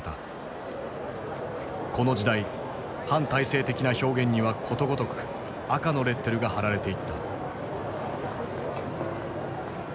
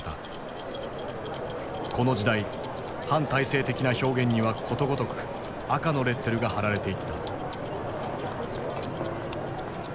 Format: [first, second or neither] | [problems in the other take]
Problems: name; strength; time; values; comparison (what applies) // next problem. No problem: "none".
first | background sound (Keys jangling); 18 dB below the speech